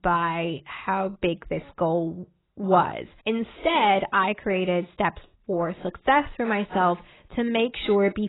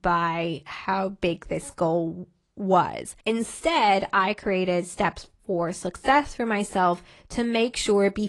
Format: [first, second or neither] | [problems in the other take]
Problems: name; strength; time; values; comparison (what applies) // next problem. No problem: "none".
second | garbled, watery; badly; nothing above 4 kHz; slightly in the second